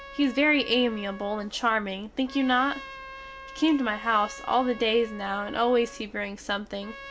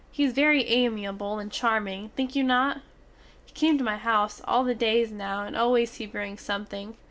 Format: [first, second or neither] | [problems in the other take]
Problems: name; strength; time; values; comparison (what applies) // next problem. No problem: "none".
second | background sound (Trumpet); 17 dB below the speech